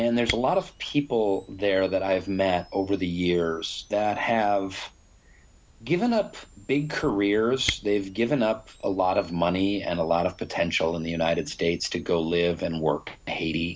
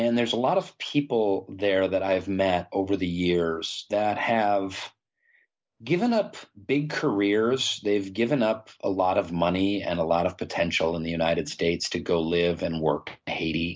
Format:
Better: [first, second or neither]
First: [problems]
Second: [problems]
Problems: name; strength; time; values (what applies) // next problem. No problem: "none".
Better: second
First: background sound (Camera); 19 dB below the speech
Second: none